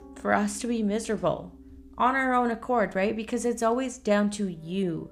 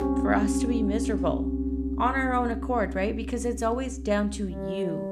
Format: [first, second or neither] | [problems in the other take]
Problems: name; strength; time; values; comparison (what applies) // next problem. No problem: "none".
first | background music; loud; throughout; 2 dB below the speech; faint in the first